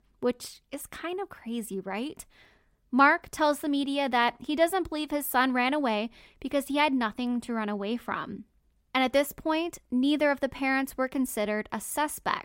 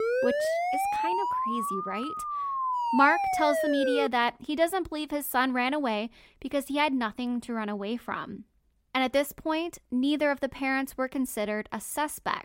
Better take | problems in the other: first | siren; loud; until 4 s; peak 2 dB above the speech

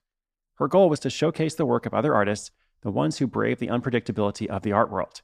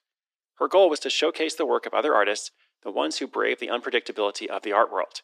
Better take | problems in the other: first | thin; very; fading below 300 Hz

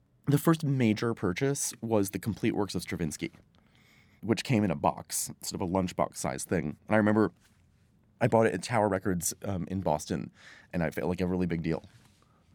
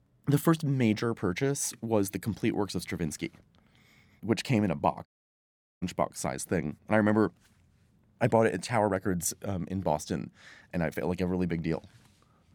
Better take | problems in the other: first | audio cutting out; at 5 s for 1 s

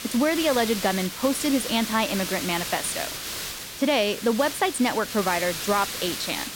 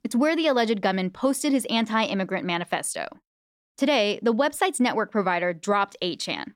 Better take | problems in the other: second | hiss; loud; throughout; 6 dB below the speech

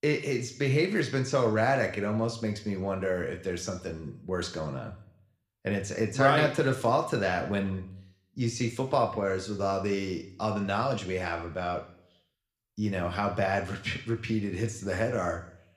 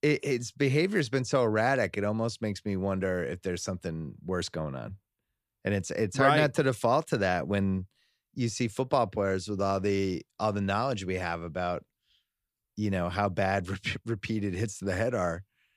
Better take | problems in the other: second | room echo; very slight; dies away in 0.6 s

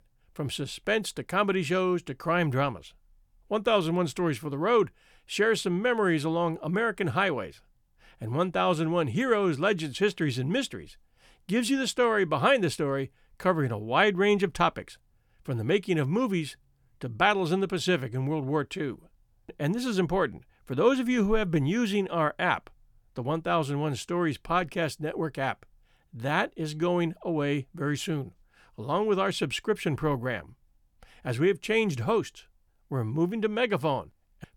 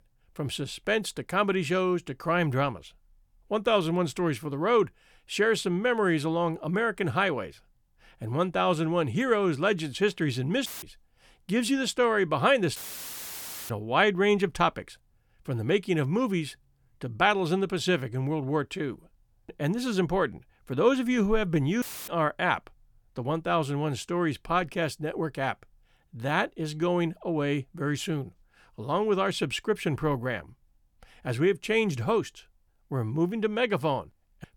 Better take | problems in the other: first | audio cutting out; filled with static; at 11 s, at 13 s for 1 s and at 22 s

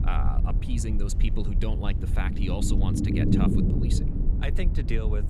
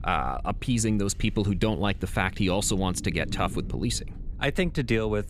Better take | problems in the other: second | low rumble; loud; throughout; as loud as the speech; faint in the second

